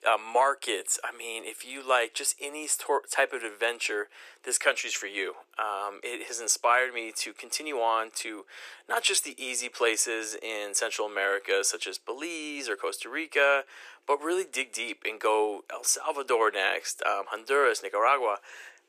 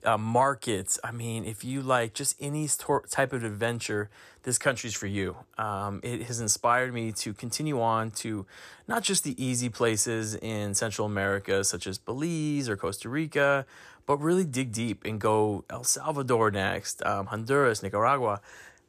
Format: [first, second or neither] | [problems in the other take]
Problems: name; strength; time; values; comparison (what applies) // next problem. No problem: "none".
second | thin; very; fading below 350 Hz